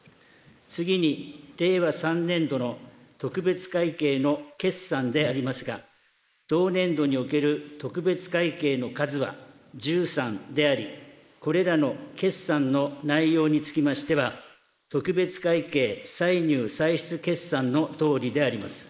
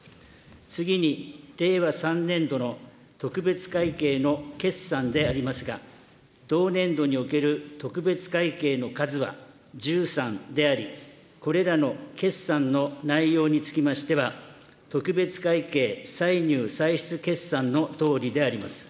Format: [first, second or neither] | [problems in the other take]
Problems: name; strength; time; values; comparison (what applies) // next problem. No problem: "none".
second | noise reduction (neural mask model Resemble Enhance denoiser)